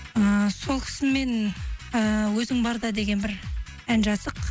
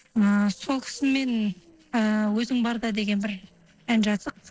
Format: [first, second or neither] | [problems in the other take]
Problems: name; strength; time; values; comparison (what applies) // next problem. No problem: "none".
first | noise reduction (neural separator model SepFormer DNS4)